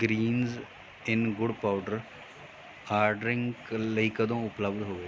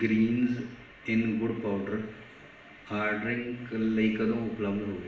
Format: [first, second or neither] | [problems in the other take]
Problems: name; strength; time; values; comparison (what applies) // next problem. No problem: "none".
first | room echo; dies away in 0.8 s